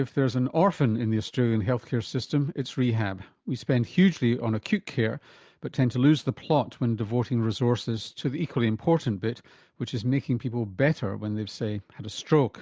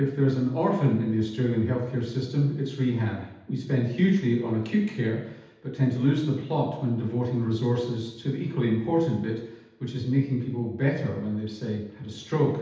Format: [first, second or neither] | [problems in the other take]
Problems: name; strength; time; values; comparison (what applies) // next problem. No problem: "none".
first | room echo; dies away in 0.8 s